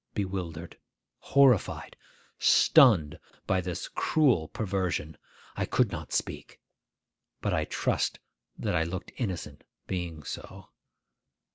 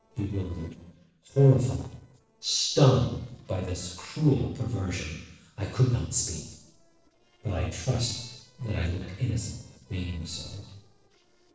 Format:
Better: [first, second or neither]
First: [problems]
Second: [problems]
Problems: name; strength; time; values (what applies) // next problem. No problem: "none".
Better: first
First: none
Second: noise reduction (neural separator model SepFormer DNS4)